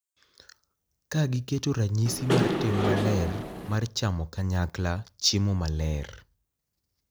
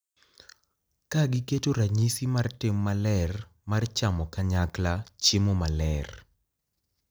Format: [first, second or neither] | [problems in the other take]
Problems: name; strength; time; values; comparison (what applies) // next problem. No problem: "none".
second | background sound (Engine / Mechanisms); 1 dB above the speech